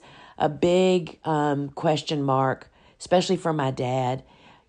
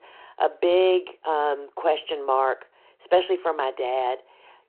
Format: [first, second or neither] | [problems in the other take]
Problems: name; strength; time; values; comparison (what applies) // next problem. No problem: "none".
first | phone-call audio